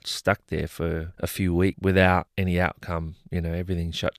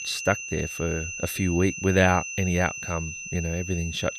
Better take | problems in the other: first | high-pitched whine; loud; throughout; 2.5 kHz, 7 dB below the speech

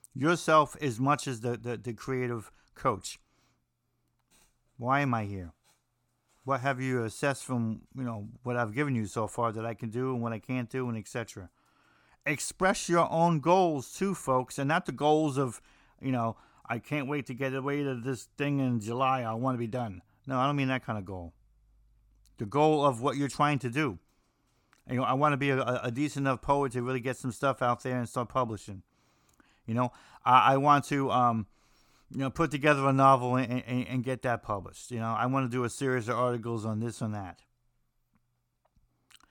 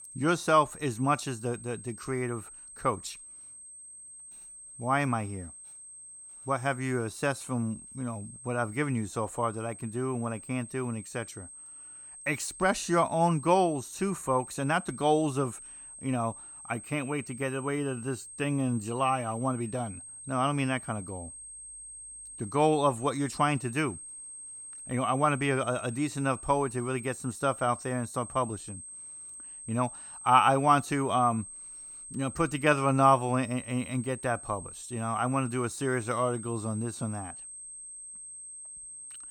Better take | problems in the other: first | high-pitched whine; noticeable; throughout; 8.5 kHz, 15 dB below the speech

